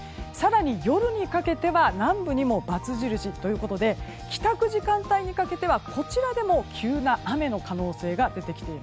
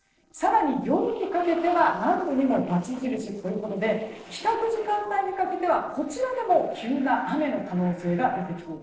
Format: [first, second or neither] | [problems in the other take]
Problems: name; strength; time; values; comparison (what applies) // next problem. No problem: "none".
first | noise reduction (neural separator model SepFormer DNS4)